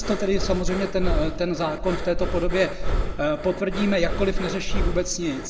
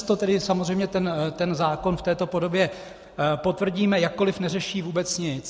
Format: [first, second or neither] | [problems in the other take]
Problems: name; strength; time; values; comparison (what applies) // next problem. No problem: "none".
second | background sound (Breathing); as loud as the speech // room echo; dies away in 0.2 s